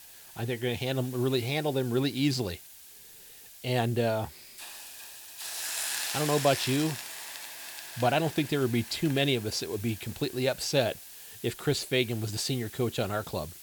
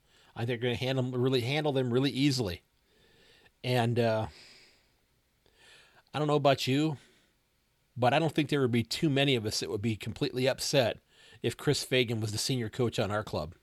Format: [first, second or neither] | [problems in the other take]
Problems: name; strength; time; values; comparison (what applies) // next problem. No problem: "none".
second | hiss; loud; throughout; 10 dB below the speech